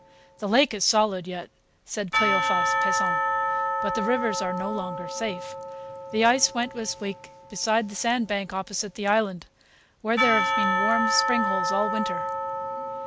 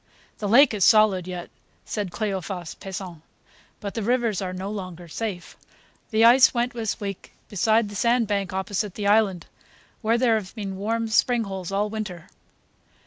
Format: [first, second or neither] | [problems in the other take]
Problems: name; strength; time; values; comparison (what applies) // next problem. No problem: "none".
second | background sound (Church bell / Percussion); 1 dB below the speech